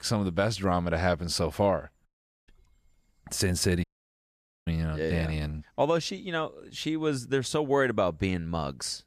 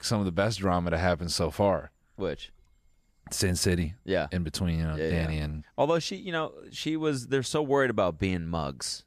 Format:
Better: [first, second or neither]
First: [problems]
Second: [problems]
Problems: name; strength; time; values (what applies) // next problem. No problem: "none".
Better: second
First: audio cutting out; at 2 s and at 4 s for 1 s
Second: none